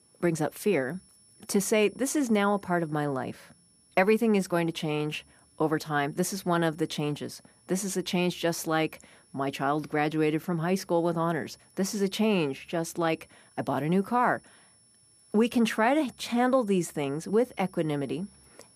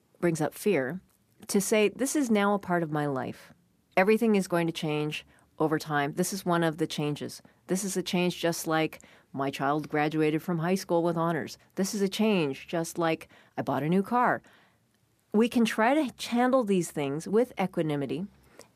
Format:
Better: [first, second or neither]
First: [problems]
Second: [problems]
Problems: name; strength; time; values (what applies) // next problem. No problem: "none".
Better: second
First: high-pitched whine; faint; throughout; 10 kHz, 30 dB below the speech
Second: none